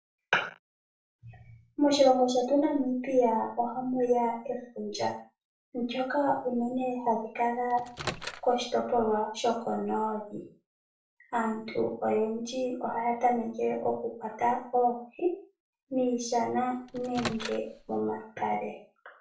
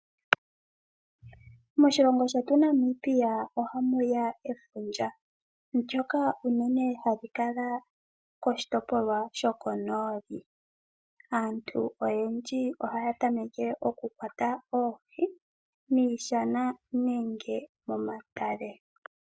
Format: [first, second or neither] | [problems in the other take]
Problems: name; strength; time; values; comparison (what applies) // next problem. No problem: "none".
second | background sound (Microwave oven); 11 dB below the speech // room echo; dies away in 0.4 s